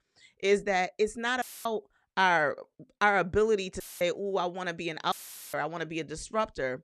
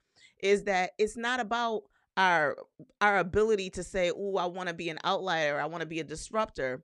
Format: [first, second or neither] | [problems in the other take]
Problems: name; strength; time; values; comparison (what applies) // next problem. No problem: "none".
second | audio cutting out; filled with static; at 1.5 s, at 4 s and at 5 s